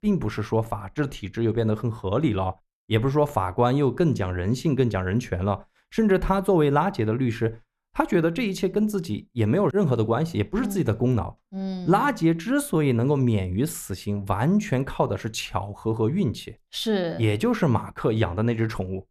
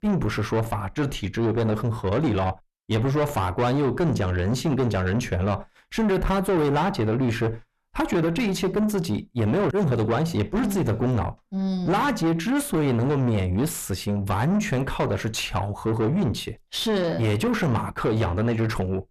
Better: first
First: none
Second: distortion; heavy; 7 dB below the speech

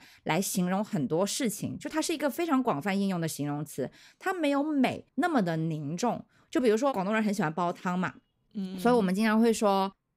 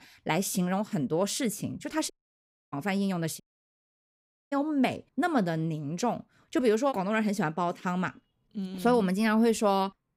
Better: first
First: none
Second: audio cutting out; at 2 s for 0.5 s and at 3.5 s for 1 s

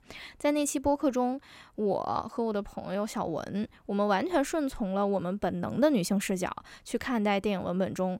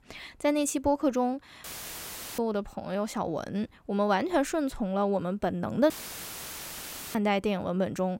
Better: first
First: none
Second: audio cutting out; filled with static; at 1.5 s for 0.5 s and at 6 s for 1.5 s

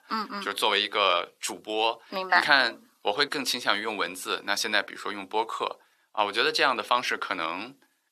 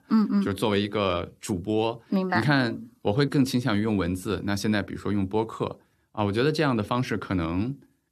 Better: second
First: thin; very; fading below 800 Hz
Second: none

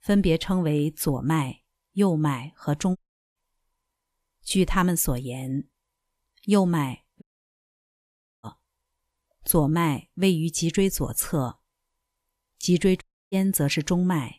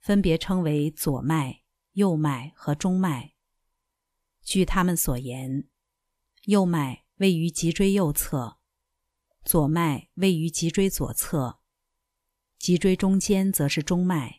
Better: second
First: audio cutting out; at 3 s, at 7 s for 1 s and at 13 s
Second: none

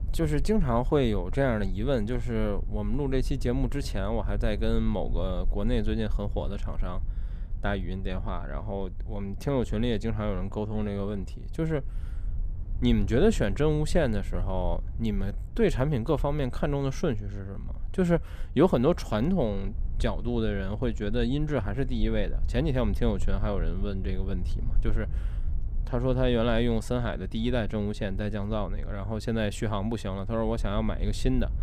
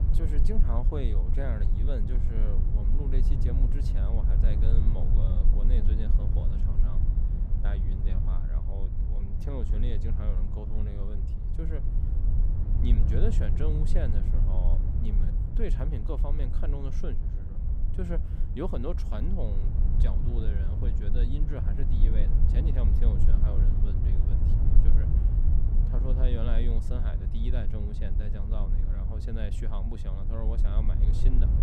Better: first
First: low rumble; faint; throughout; 25 dB below the speech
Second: low rumble; loud; throughout; 3 dB below the speech

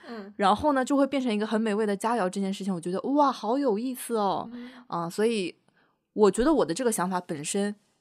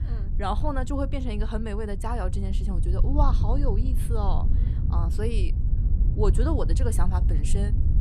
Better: first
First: none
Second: wind noise on the microphone; heavy; 10 dB below the speech

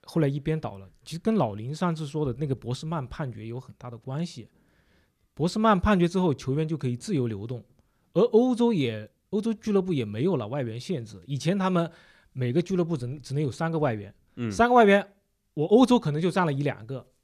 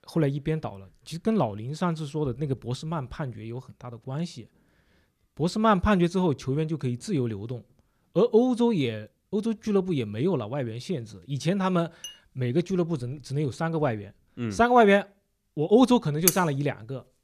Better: first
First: none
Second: clattering dishes; faint; at 12 s; peak 15 dB below the speech // clattering dishes; very faint; at 16 s; peak 2 dB above the speech

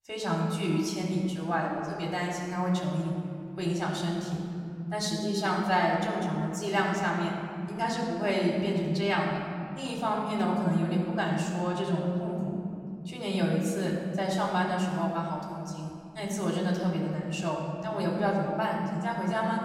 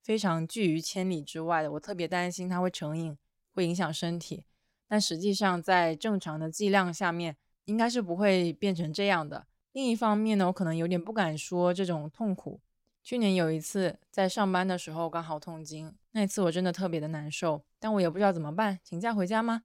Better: second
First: off-mic speech; far // room echo; noticeable; dies away in 2.9 s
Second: none

